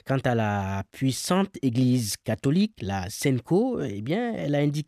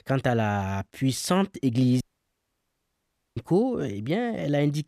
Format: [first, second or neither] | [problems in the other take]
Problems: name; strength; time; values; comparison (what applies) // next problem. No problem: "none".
first | audio cutting out; at 2 s for 1.5 s